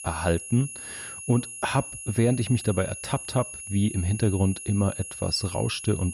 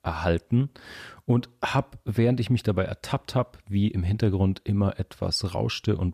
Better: second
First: high-pitched whine; loud; throughout; 10.5 kHz, 10 dB below the speech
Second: none

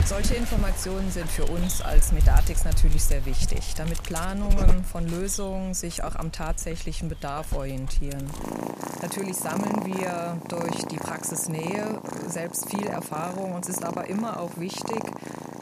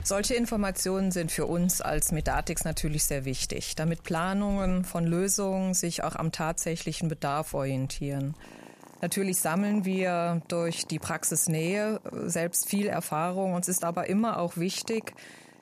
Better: second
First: animal sounds; loud; throughout; as loud as the speech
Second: animal sounds; faint; throughout; 20 dB below the speech

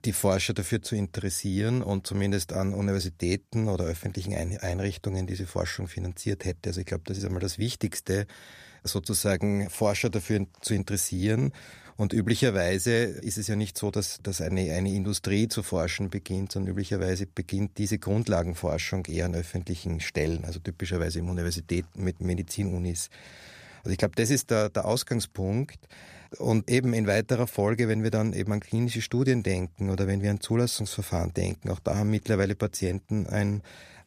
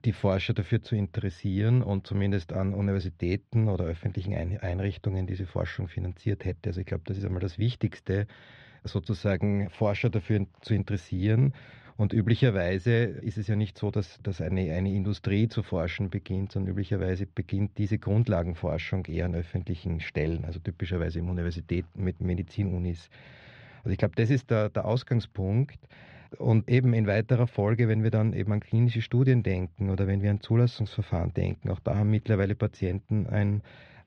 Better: first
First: none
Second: muffled; slightly; fading above 3.5 kHz

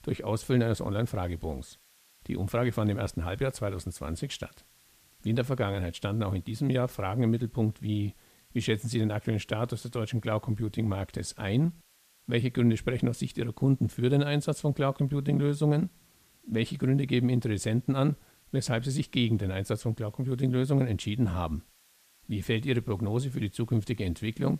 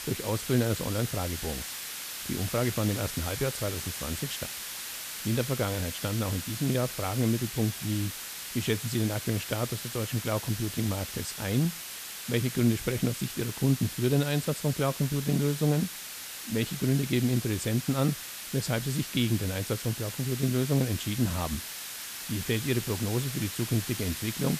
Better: first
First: hiss; faint; throughout; 30 dB below the speech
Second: hiss; loud; throughout; 6 dB below the speech

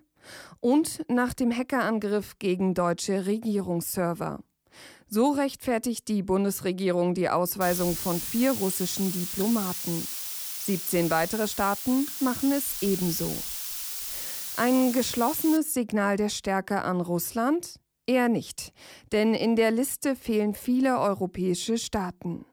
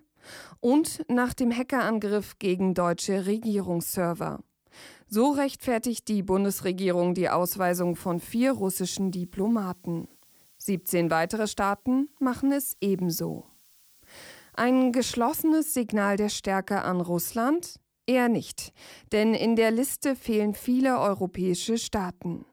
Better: second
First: hiss; loud; from 7.5 to 16 s; 5 dB below the speech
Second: hiss; faint; from 7.5 to 16 s; 30 dB below the speech

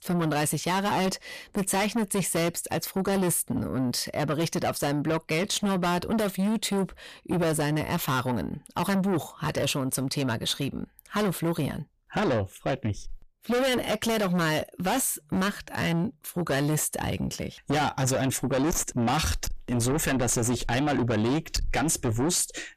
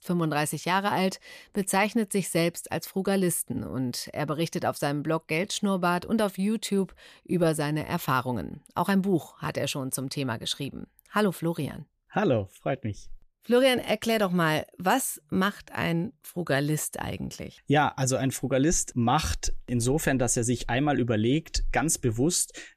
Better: second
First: distortion; heavy; 7 dB below the speech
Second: none

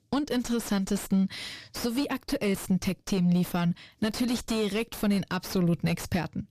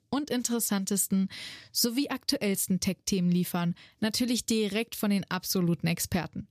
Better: second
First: distortion; heavy; 6 dB below the speech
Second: none

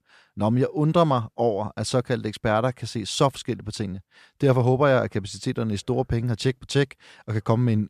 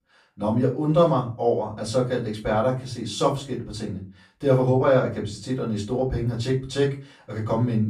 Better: first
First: none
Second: room echo; slight; dies away in 0.3 s // off-mic speech; far

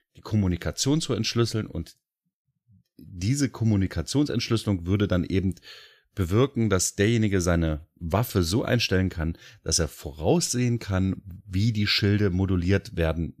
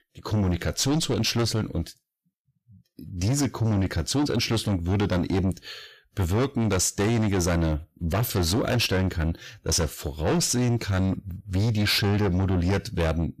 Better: first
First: none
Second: distortion; heavy; 7 dB below the speech

